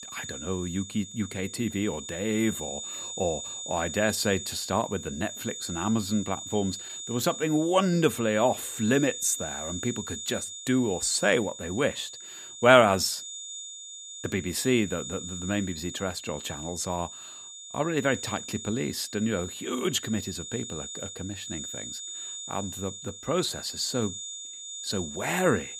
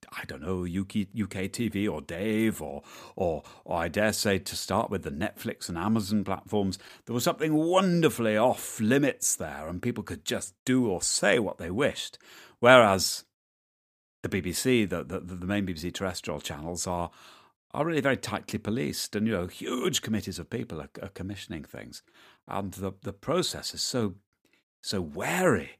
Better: second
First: high-pitched whine; loud; throughout; 7 kHz, 9 dB below the speech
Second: none

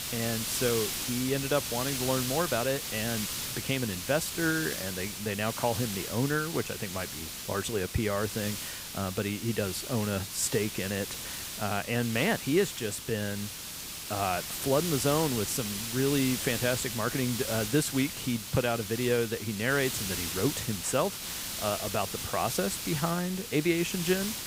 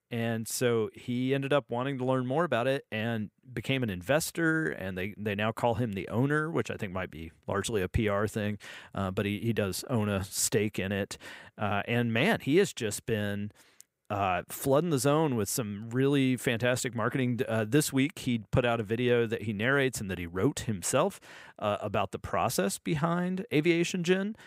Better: second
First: hiss; loud; throughout; 4 dB below the speech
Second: none

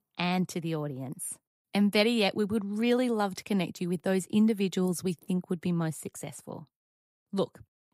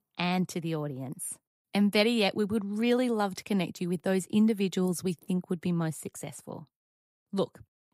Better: neither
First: none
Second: none

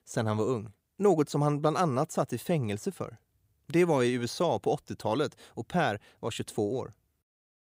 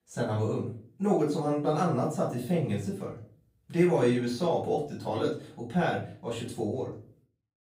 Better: first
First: none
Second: off-mic speech; far // room echo; slight; dies away in 0.4 s

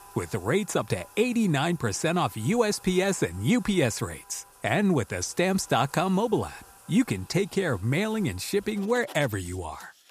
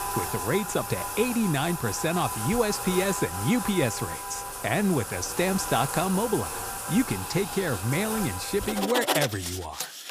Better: first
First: household noises; faint; throughout; 25 dB below the speech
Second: household noises; loud; throughout; 4 dB below the speech

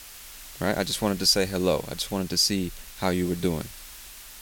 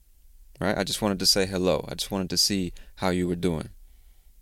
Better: second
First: hiss; noticeable; throughout; 15 dB below the speech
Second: none

